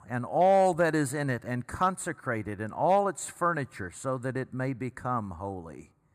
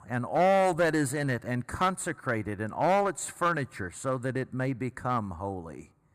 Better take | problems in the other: first | distortion; slight; 5% of the sound clipped

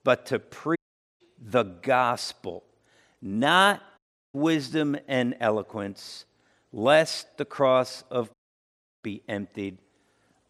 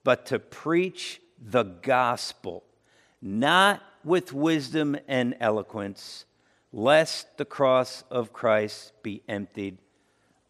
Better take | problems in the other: second | audio cutting out; at 1 s, at 4 s and at 8.5 s for 0.5 s

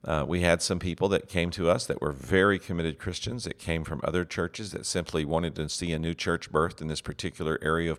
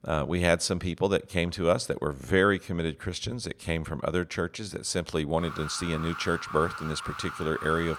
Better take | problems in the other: first | alarm; noticeable; from 5.5 s on; peak 9 dB below the speech

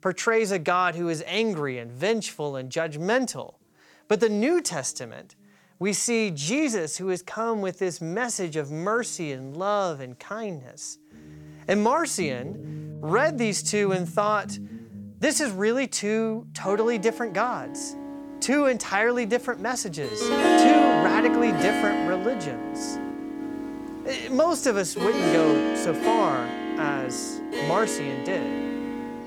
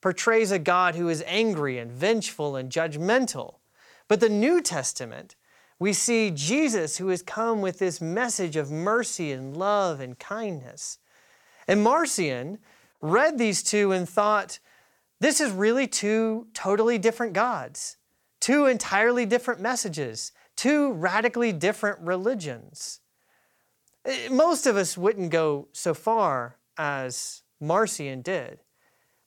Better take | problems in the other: second | background music; loud; throughout; 1 dB below the speech

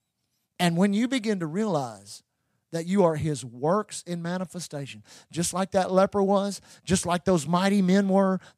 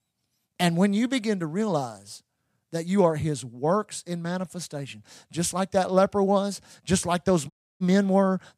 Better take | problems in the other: first | audio cutting out; at 7.5 s

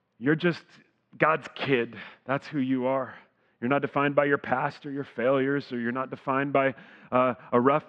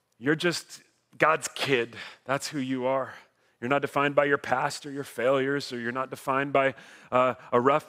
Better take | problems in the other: second | muffled; slightly; fading above 3 kHz

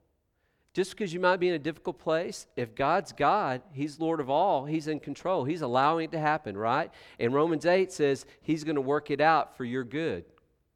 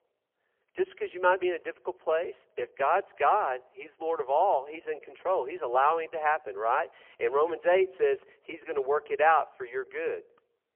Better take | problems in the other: first | phone-call audio; poor line; nothing above 3 kHz

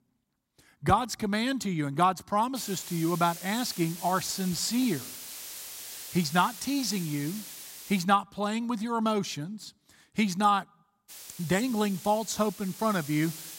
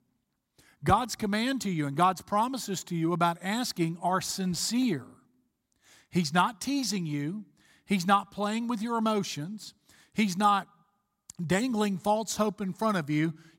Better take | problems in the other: second | hiss; noticeable; from 2.5 to 8 s and from 11 s on; 10 dB below the speech

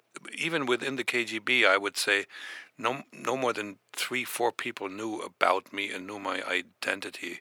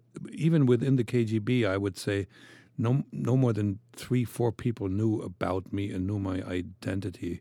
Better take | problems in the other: second | thin; very; fading below 850 Hz

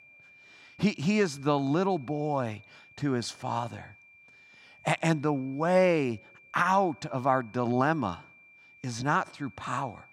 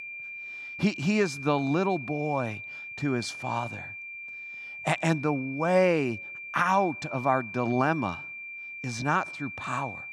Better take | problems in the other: first | high-pitched whine; loud; throughout; 2.5 kHz, 10 dB below the speech; faint in the first

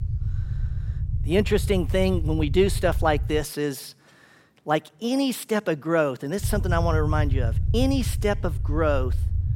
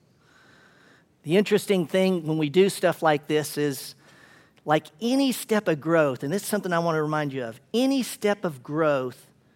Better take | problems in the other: second | low rumble; noticeable; until 3.5 s and from 6.5 s on; 20 dB below the speech

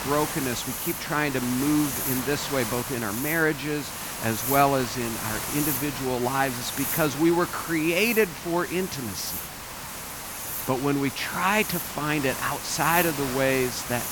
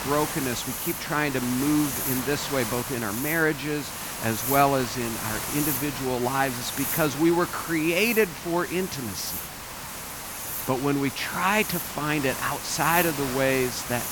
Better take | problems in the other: neither | hiss; loud; throughout; 4 dB below the speech; the same in both

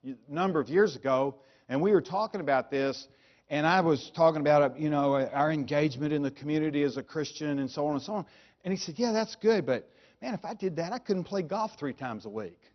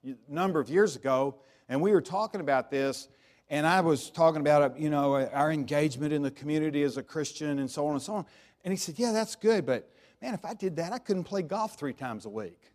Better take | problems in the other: second | garbled, watery; slightly; nothing above 6 kHz

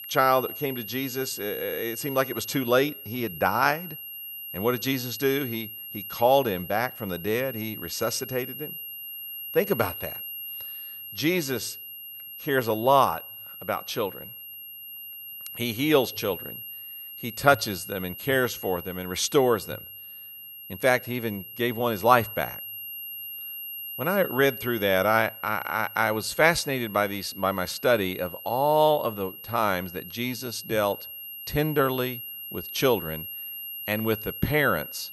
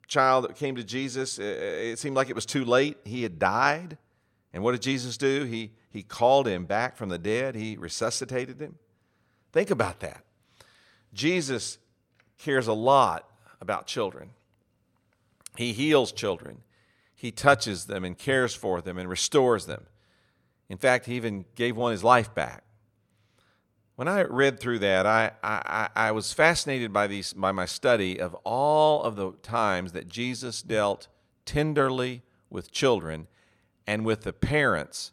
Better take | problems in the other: second | high-pitched whine; noticeable; throughout; 11.5 kHz, 10 dB below the speech

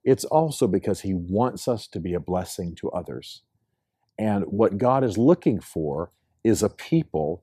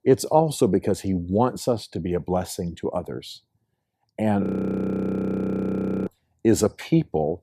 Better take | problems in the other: first | audio freezing; at 4.5 s for 1.5 s

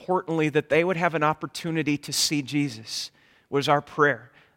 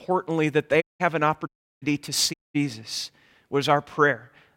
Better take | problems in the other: first | audio cutting out; at 1 s, at 1.5 s and at 2.5 s

